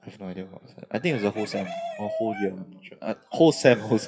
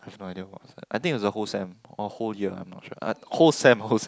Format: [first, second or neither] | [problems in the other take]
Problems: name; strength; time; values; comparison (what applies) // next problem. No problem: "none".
second | noise reduction (classical method WPE with log-MMSE)